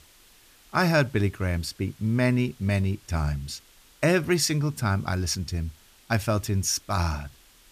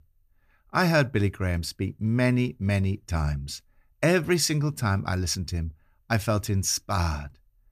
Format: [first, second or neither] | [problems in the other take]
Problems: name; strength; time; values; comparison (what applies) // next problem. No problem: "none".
second | hiss; faint; throughout; 30 dB below the speech